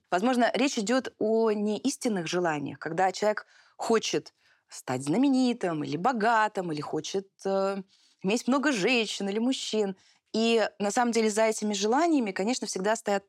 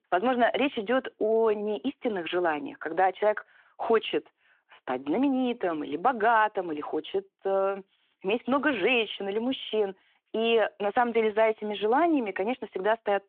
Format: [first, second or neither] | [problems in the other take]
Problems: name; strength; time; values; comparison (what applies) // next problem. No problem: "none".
first | phone-call audio